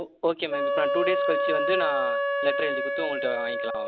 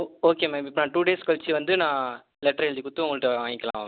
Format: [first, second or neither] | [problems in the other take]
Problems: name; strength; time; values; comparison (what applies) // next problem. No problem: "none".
second | background sound (Wind instrument, woodwind instrument); 3 dB above the speech